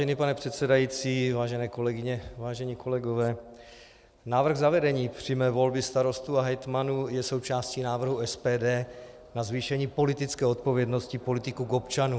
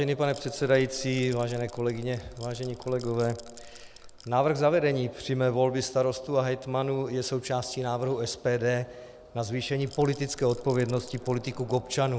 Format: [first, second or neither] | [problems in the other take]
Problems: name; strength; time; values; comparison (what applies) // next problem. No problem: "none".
first | background sound (Rattle / Rattle (instrument)); 19 dB below the speech